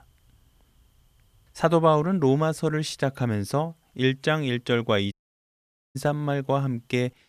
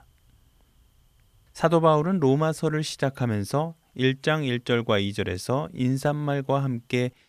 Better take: second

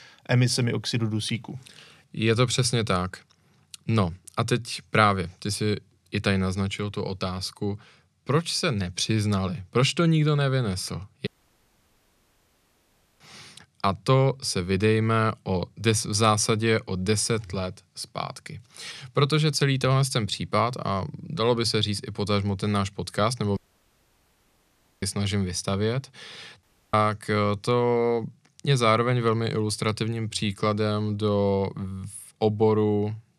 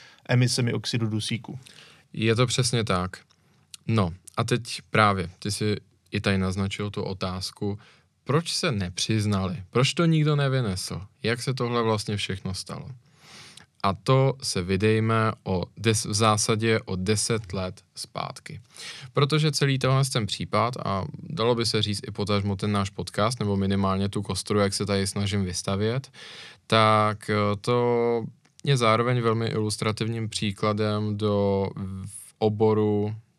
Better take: second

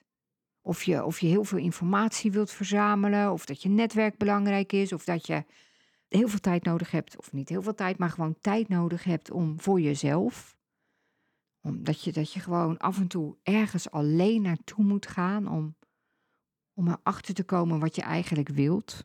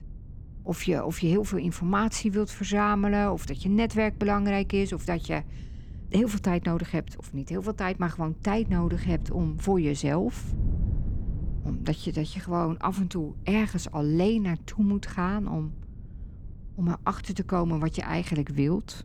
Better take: first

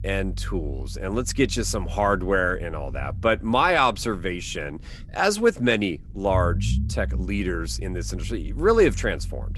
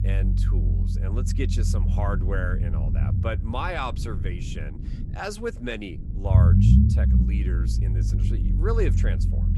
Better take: first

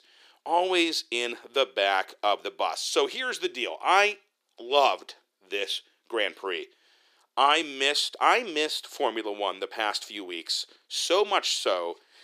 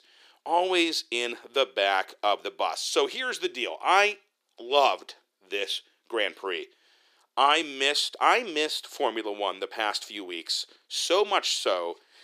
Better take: neither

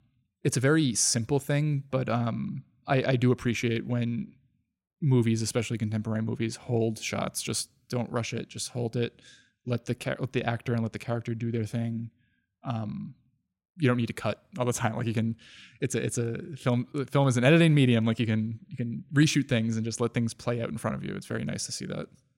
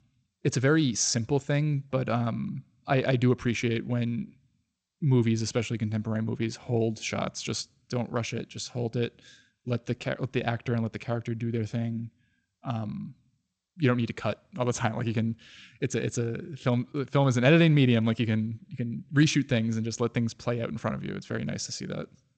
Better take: first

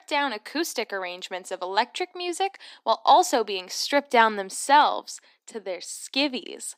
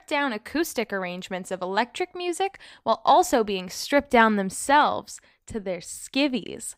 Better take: second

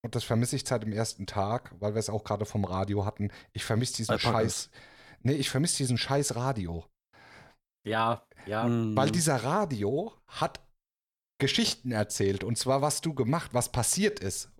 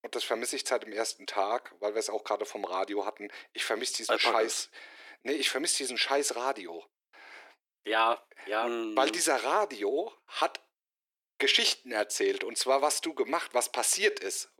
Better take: first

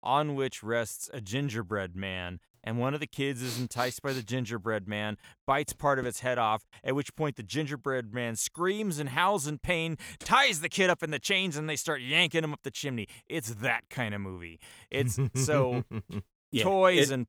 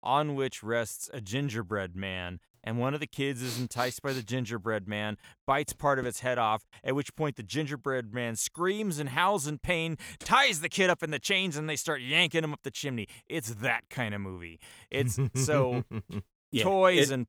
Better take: neither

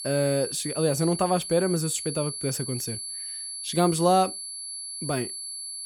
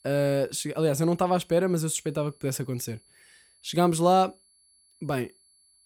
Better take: second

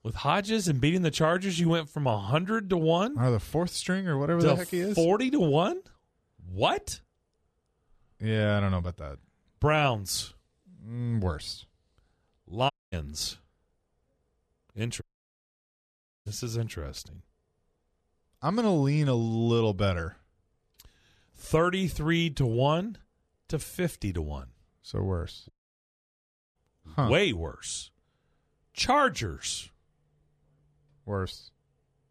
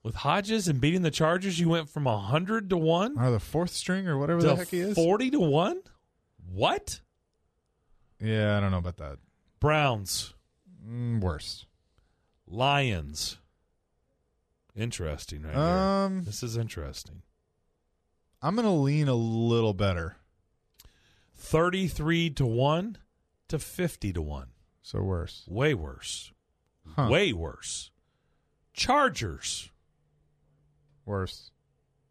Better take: second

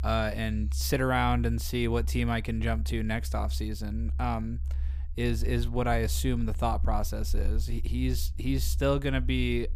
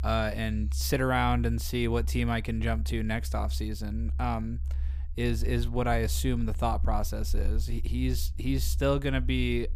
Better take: neither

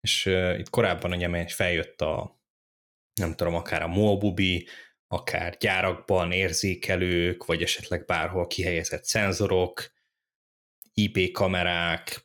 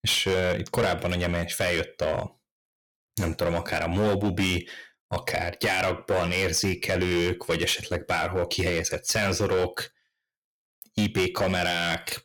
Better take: first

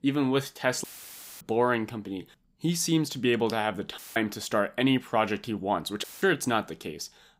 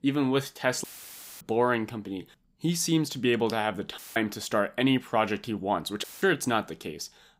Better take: neither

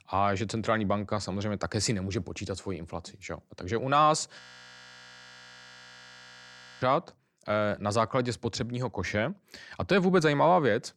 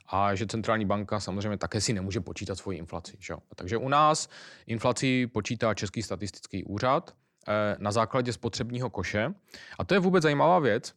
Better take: second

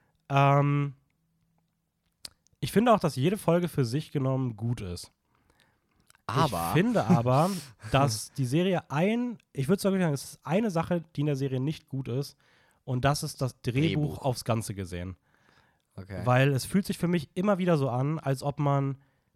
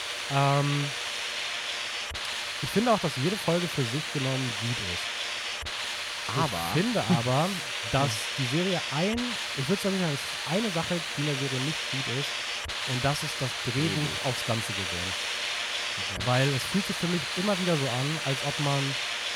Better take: first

